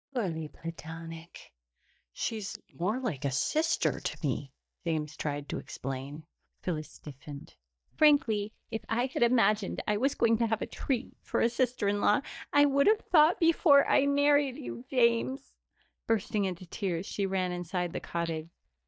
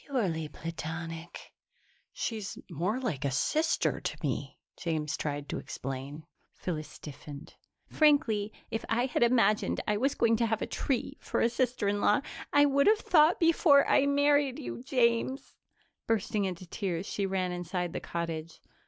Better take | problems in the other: second | noise reduction (neural mask model DeepFilterNet 3)

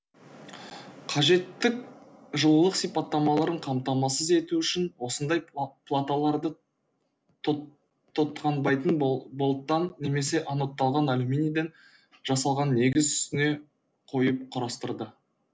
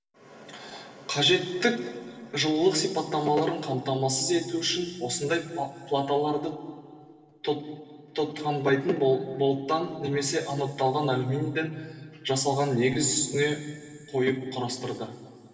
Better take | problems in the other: first | room echo; dies away in 2.7 s

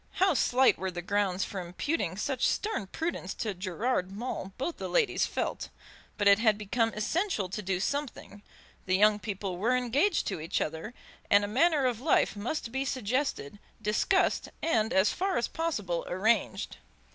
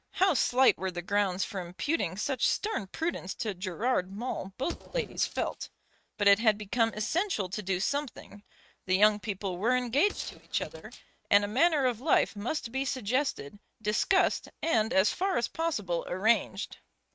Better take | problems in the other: first | noise reduction (neural mask model RNNoise)

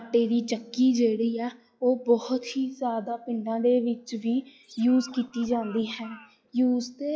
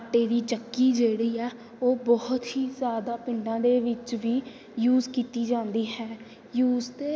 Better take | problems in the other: second | noise reduction (classical method log-MMSE)

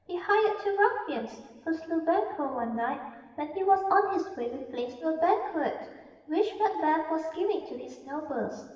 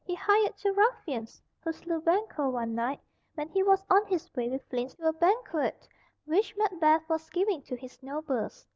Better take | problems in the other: second | room echo; dies away in 1.4 s

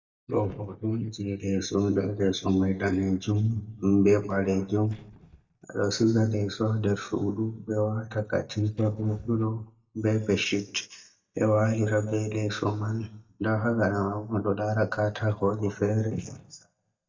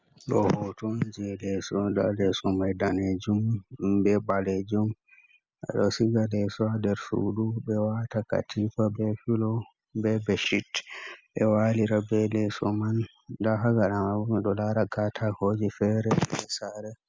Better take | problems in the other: second | noise reduction (neural mask model DeepFilterNet 3)

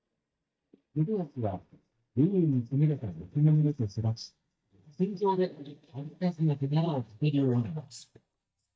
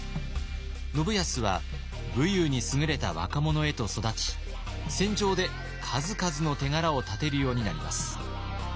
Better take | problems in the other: second | noise reduction (neural mask model DeepFilterNet 3)

